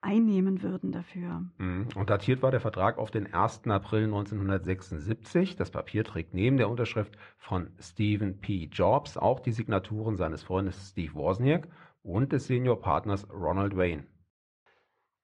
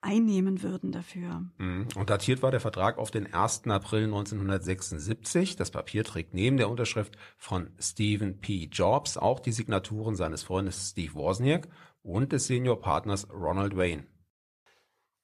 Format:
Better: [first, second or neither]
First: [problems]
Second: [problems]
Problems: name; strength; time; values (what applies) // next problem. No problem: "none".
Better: second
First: muffled; very; fading above 2.5 kHz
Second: none